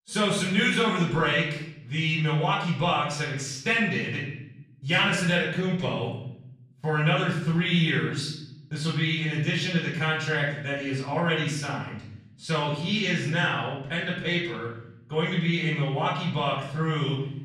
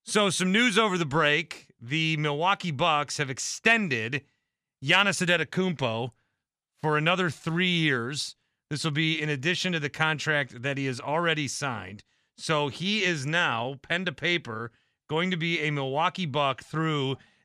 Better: second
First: off-mic speech; far // room echo; noticeable; dies away in 0.8 s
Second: none

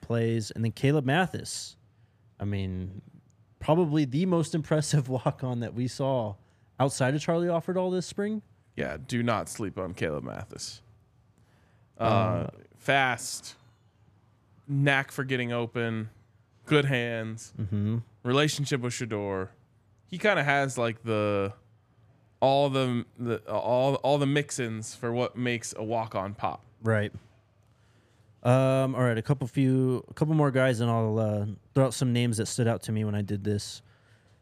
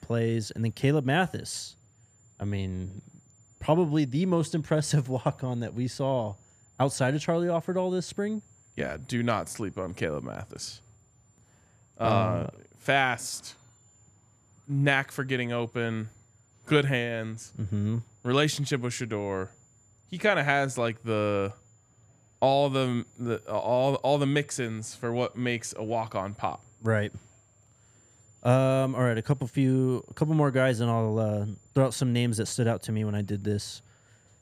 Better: first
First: none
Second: high-pitched whine; faint; throughout; 7 kHz, 35 dB below the speech

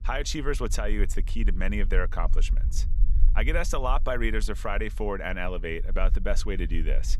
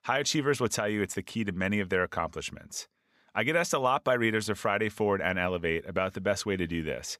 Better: second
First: low rumble; faint; throughout; 20 dB below the speech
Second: none

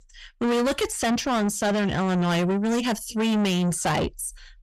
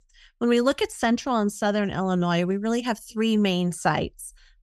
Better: second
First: distortion; heavy; 7 dB below the speech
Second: none

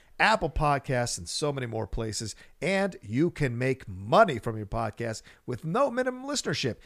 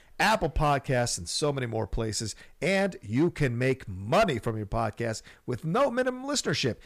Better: first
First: none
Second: distortion; slight; 3% of the sound clipped

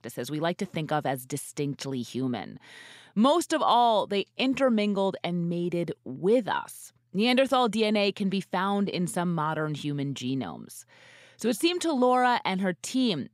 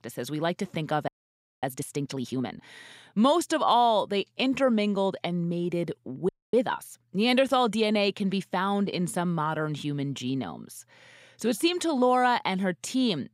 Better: first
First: none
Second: audio freezing; at 1 s for 0.5 s and at 6.5 s

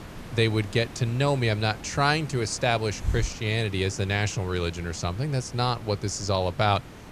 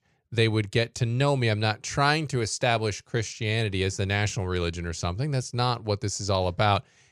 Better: second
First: hiss; noticeable; throughout; 15 dB below the speech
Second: none

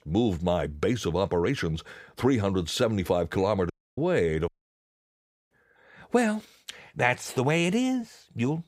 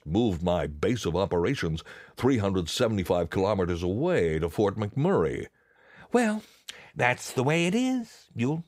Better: second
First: audio cutting out; at 3.5 s and at 4.5 s for 1 s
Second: none

